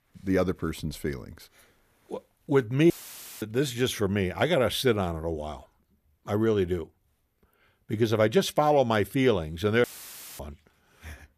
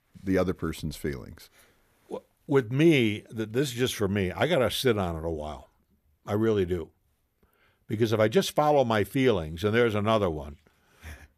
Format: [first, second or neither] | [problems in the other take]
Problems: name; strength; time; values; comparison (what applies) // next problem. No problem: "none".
second | audio cutting out; filled with static; at 3 s for 0.5 s and at 10 s for 0.5 s